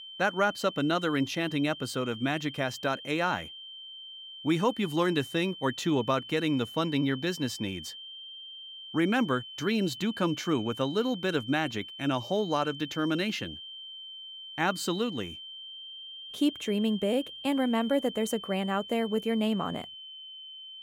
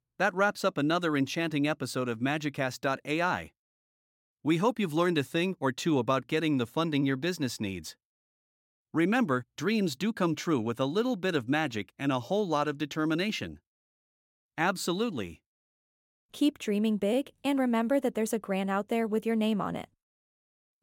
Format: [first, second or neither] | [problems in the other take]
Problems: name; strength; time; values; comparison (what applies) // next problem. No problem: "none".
second | high-pitched whine; noticeable; throughout; 3 kHz, 10 dB below the speech